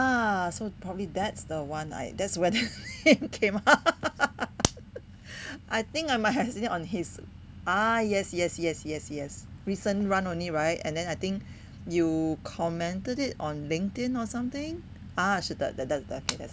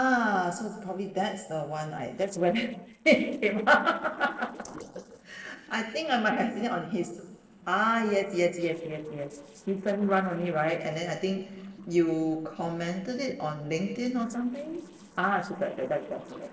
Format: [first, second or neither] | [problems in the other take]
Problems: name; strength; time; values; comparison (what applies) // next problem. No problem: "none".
first | noise reduction (neural separator model SepFormer DNS4)